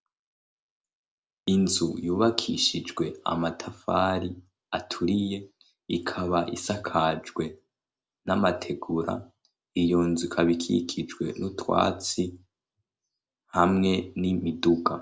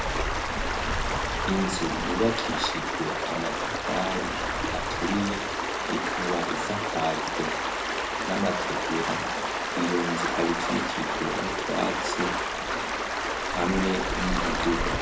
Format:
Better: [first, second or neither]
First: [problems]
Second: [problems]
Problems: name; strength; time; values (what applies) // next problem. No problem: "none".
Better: first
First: none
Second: background sound (Stream); 3 dB above the speech // room echo; dies away in 0.3 s